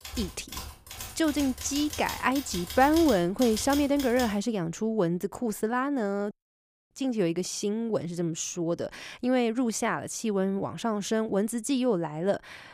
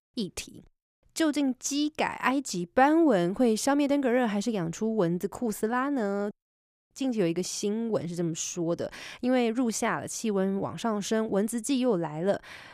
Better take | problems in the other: second | keyboard typing; noticeable; until 4.5 s; peak 7 dB below the speech

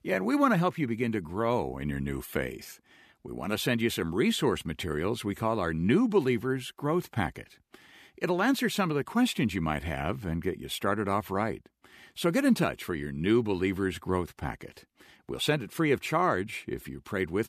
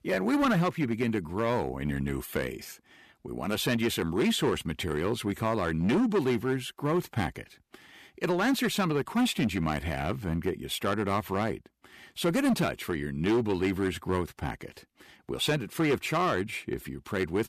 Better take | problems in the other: first | distortion; slight; 7% of the sound clipped

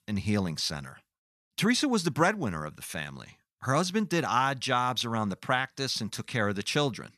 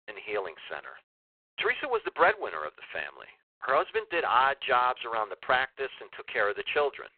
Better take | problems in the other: first | phone-call audio; poor line

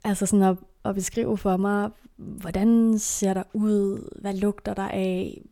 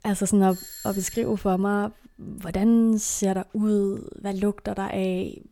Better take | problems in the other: first | doorbell; faint; at 0.5 s; peak 10 dB below the speech

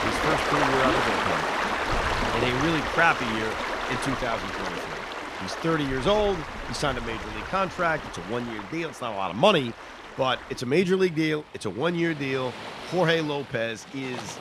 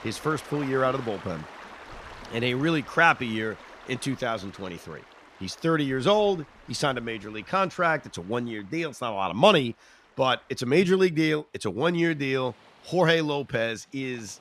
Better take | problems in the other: second | rain or running water; loud; throughout; 2 dB below the speech; faint in the second

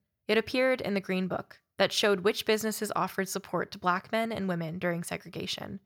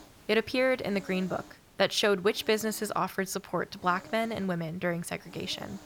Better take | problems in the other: first | hiss; faint; throughout; 25 dB below the speech

